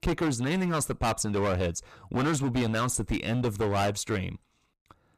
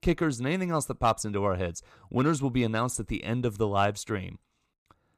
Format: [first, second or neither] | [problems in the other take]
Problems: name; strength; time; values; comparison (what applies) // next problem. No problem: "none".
second | distortion; heavy; 17% of the sound clipped